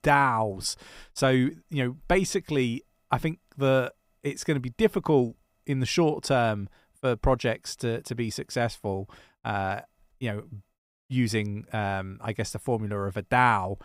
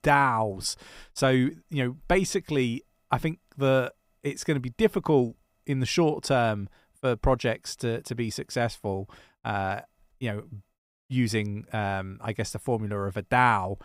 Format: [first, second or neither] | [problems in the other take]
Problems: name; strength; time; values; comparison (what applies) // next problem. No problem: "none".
neither | none